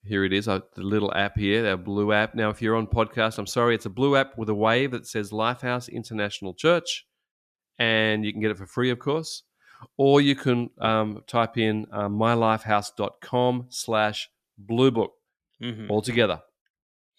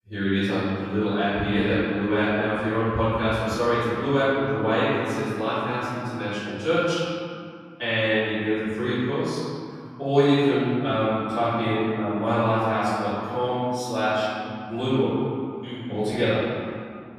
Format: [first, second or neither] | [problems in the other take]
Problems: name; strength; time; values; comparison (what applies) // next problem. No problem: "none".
first | room echo; strong; dies away in 2.2 s // off-mic speech; far